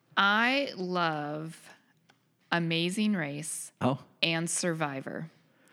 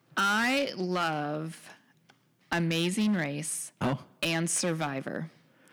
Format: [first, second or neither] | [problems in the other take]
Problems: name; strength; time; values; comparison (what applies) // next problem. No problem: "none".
first | distortion; heavy; 6% of the sound clipped